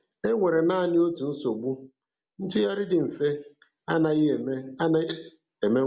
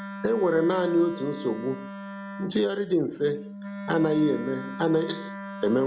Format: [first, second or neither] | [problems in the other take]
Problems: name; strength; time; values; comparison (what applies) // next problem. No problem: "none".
first | background sound (Wind instrument, woodwind instrument); 11 dB below the speech